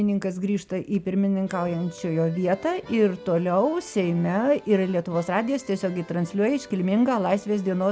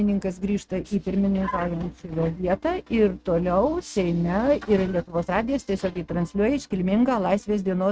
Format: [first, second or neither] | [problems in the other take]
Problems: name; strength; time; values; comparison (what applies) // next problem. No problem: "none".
first | noise reduction (neural mask model RNNoise)